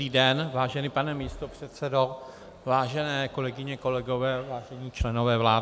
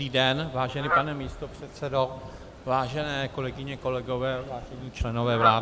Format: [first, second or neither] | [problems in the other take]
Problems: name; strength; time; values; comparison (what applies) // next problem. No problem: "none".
first | background sound (Fowl); 5 dB below the speech